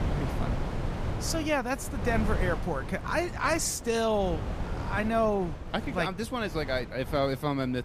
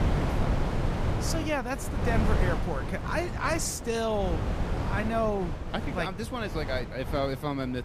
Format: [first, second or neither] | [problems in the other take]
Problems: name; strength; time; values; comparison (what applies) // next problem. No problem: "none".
first | wind noise on the microphone; heavy; 6 dB below the speech; occasional gusts in the first